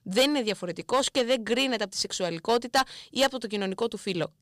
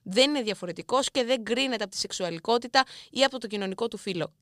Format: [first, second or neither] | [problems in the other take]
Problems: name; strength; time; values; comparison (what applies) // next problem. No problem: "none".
second | distortion; slight; 2% of the sound clipped